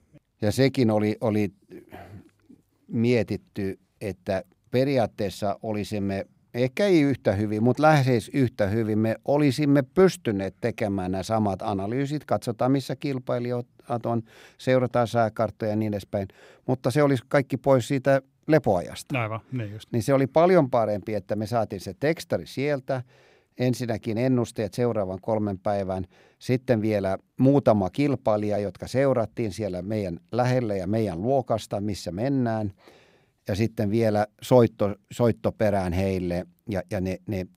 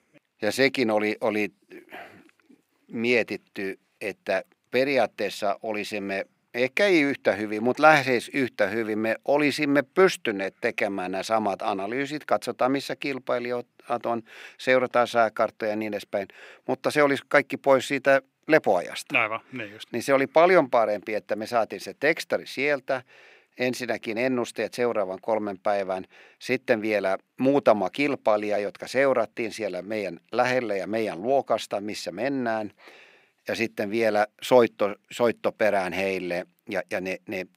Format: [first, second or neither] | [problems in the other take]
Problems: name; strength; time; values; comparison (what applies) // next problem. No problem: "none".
first | thin; somewhat; fading below 300 Hz